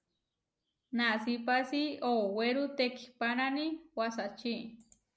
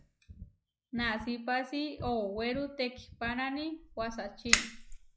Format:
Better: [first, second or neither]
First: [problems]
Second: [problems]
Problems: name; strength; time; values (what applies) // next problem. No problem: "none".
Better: first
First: none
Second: noise reduction (classical method log-MMSE)